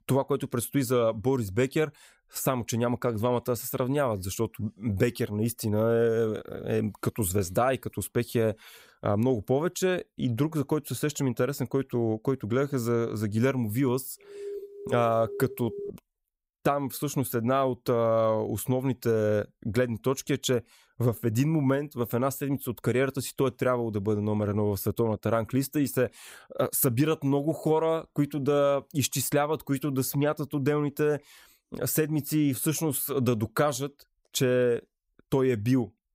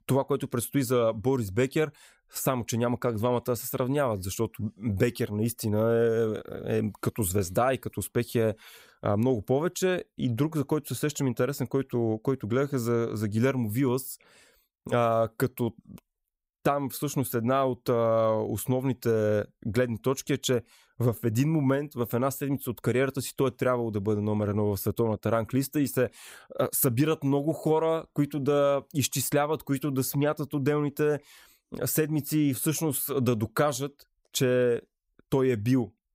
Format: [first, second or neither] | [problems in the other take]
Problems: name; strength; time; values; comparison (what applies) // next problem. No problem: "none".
second | alarm; faint; from 14 to 16 s; peak 10 dB below the speech